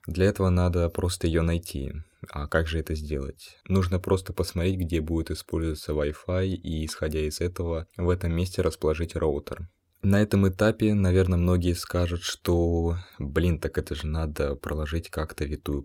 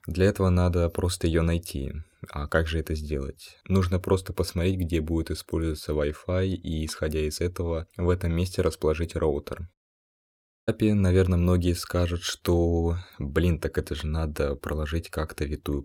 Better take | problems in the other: first | audio cutting out; at 9.5 s for 1 s

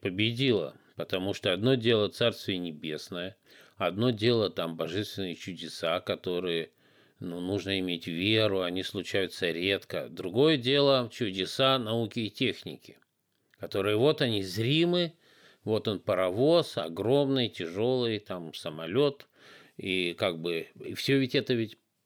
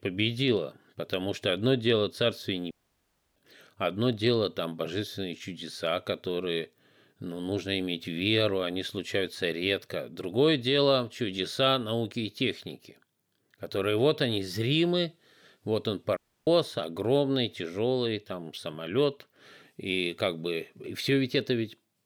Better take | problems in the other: first | audio cutting out; at 2.5 s for 0.5 s and at 16 s

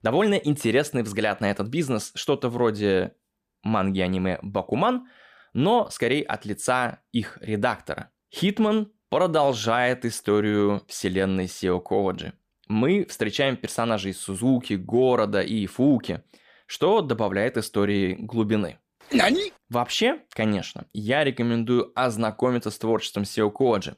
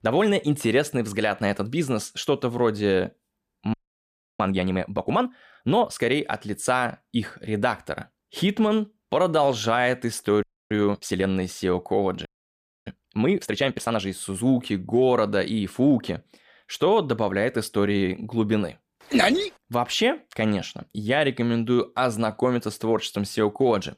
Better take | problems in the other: first | audio freezing; at 3.5 s for 0.5 s, at 10 s and at 12 s for 0.5 s

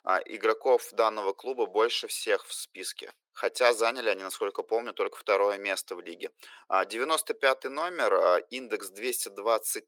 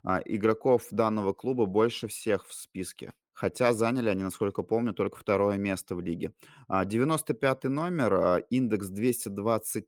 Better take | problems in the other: second | thin; very; fading below 450 Hz

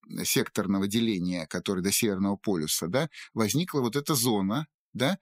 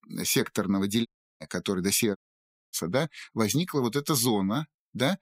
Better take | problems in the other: first | audio cutting out; at 1 s and at 2 s for 0.5 s

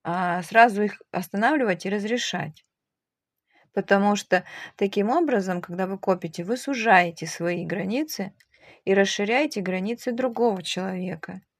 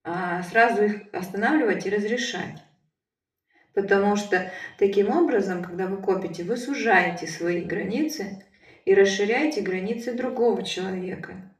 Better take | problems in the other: first | room echo; slight; dies away in 0.5 s // off-mic speech; somewhat distant

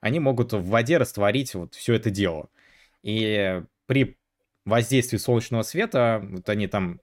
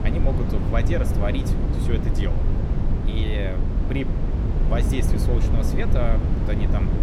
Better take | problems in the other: first | low rumble; loud; throughout; 2 dB below the speech

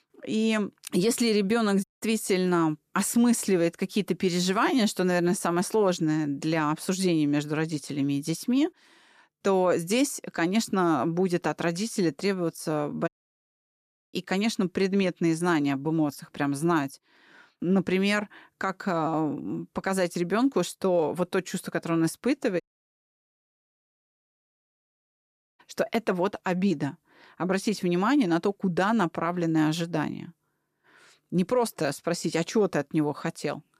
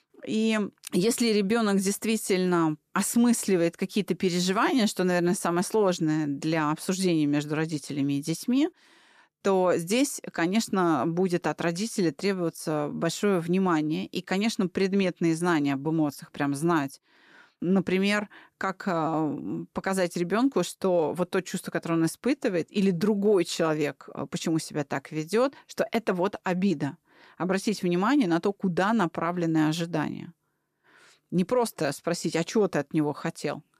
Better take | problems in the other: second | audio cutting out; at 2 s, at 13 s for 1 s and at 23 s for 3 s

